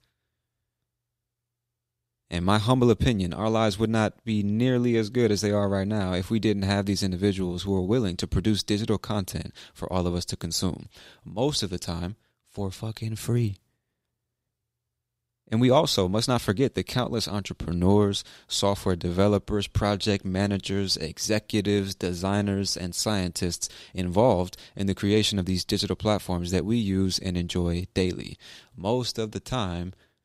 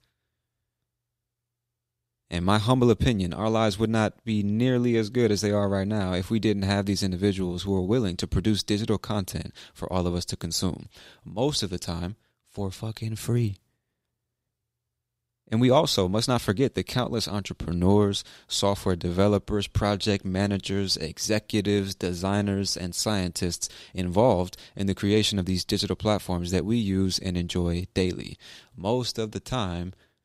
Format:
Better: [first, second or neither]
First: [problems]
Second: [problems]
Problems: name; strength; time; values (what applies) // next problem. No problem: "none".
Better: neither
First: none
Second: none